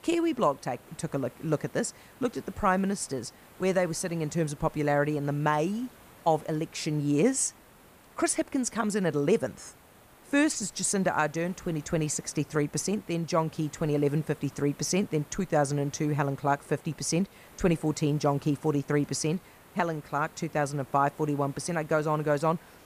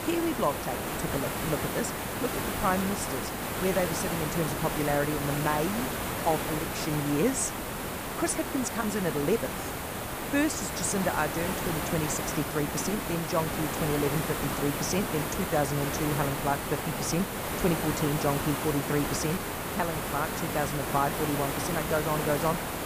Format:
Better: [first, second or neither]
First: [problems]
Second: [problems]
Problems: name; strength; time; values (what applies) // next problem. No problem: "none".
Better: first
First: hiss; faint; throughout; 25 dB below the speech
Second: hiss; loud; throughout; 1 dB below the speech